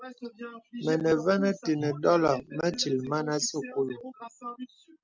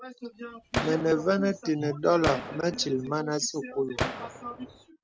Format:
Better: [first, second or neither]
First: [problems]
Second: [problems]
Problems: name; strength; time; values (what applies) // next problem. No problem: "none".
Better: first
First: none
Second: background sound (Gunshot, gunfire); 8 dB below the speech